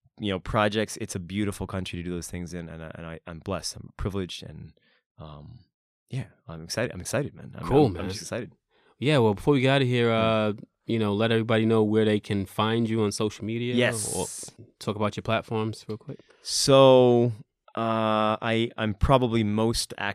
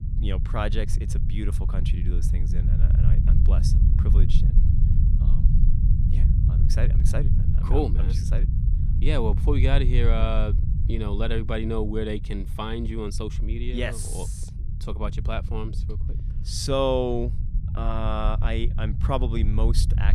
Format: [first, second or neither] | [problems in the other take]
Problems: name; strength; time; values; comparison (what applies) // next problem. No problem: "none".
first | low rumble; loud; throughout; 10 dB below the speech